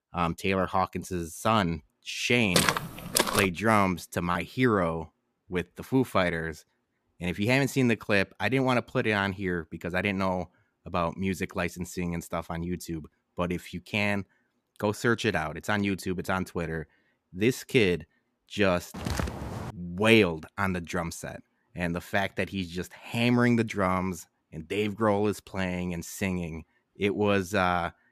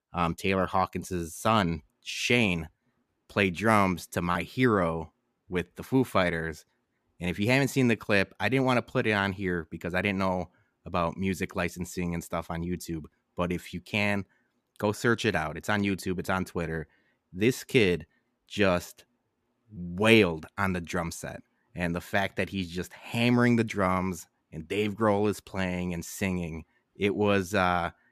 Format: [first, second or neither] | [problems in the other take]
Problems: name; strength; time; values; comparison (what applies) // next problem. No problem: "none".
second | footsteps; loud; at 2.5 s; peak 4 dB above the speech // footsteps; noticeable; at 19 s; peak 4 dB below the speech